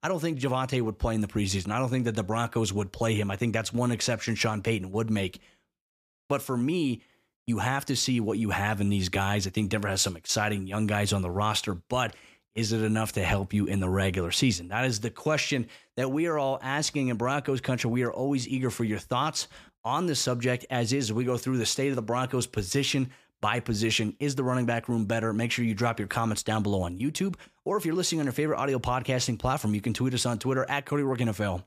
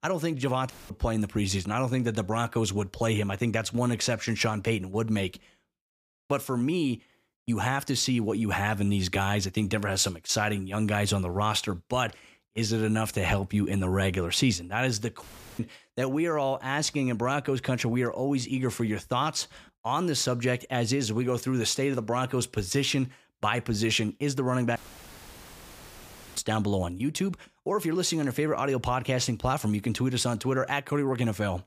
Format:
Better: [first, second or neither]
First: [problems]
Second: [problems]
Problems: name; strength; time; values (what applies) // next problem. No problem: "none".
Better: first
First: none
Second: audio cutting out; filled with static; at 0.5 s, at 15 s and at 25 s for 1.5 s